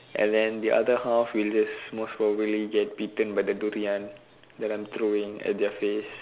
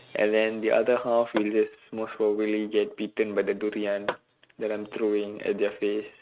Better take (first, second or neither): first